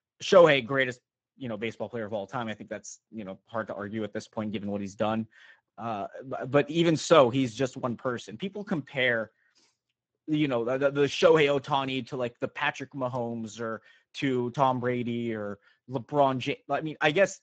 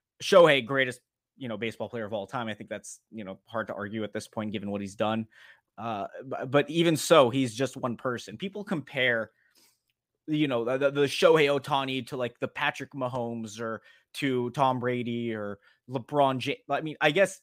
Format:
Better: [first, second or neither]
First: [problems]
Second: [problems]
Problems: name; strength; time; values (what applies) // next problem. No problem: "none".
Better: second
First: garbled, watery; badly; nothing above 7.5 kHz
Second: none